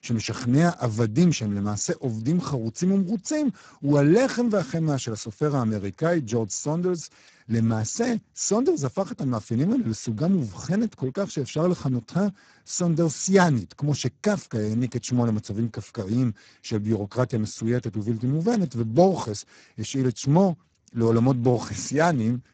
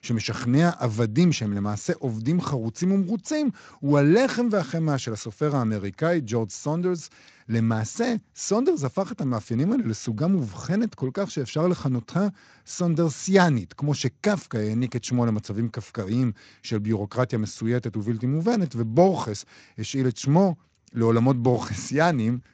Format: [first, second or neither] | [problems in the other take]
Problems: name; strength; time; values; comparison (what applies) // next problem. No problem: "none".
second | garbled, watery; badly; nothing above 7.5 kHz; slightly in the second